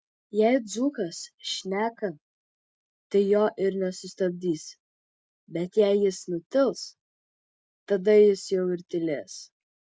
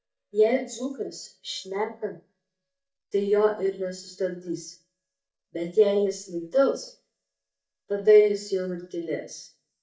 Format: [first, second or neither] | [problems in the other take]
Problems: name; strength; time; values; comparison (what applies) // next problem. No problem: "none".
first | noise reduction (neural mask model DeepFilterNet 3)